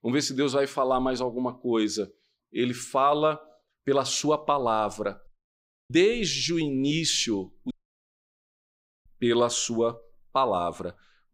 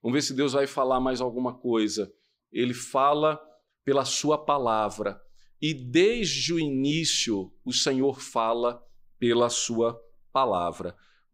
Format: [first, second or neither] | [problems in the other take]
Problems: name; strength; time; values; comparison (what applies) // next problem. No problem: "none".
second | audio cutting out; at 5.5 s for 0.5 s and at 7.5 s for 1.5 s